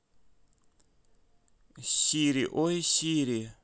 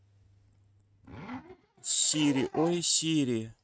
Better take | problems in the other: first | noise reduction (neural mask model RNNoise)

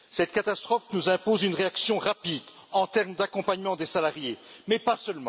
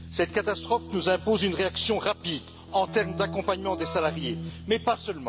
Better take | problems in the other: first | background sound (Keyboard (musical)); 11 dB below the speech

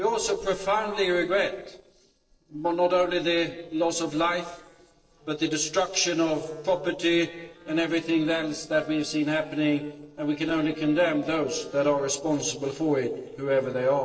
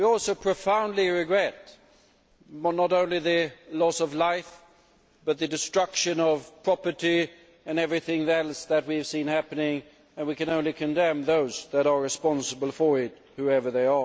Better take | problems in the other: second | noise reduction (neural separator model SepFormer DNS4)

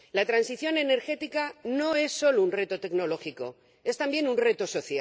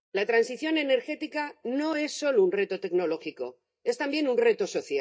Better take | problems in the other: first | noise reduction (neural mask model DeepFilterNet 3)

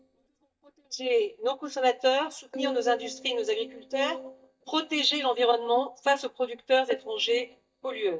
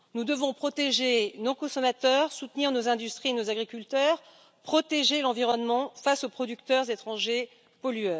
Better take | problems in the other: second | noise reduction (neural mask model DeepFilterNet 3)

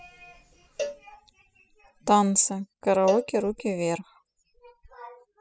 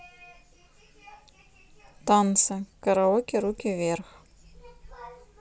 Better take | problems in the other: second | noise reduction (classical method spectral subtraction)

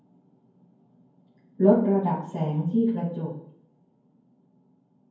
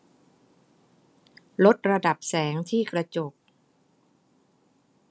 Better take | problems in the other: second | room echo; dies away in 0.9 s

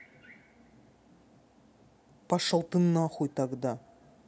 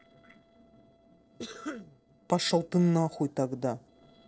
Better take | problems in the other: first | noise reduction (neural separator model SepFormer DNS4)

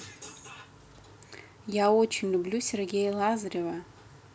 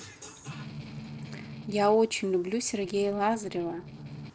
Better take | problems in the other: first | noise reduction (neural separator model SepFormer DNS4)

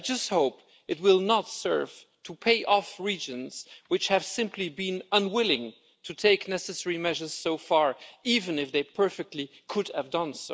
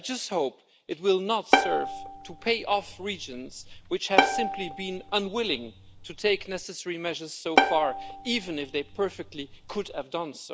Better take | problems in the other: first | background sound (Bowed string instrument); 1 dB above the speech

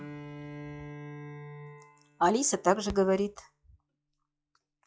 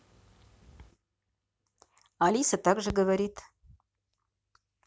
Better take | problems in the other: second | noise reduction (classical method log-MMSE)

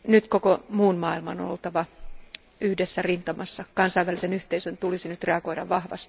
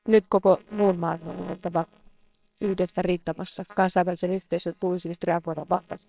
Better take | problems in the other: first | noise reduction (neural separator model SepFormer WHAMR!)

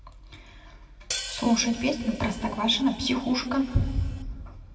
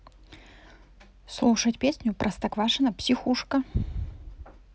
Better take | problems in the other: second | background sound (Hi-hat); 13 dB below the speech // room echo; dies away in 2.6 s

